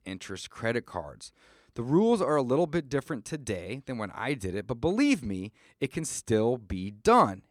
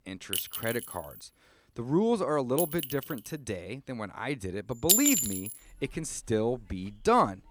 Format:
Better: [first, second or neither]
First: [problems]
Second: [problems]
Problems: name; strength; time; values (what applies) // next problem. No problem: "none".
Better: first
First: none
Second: household noises; very loud; throughout; 2 dB above the speech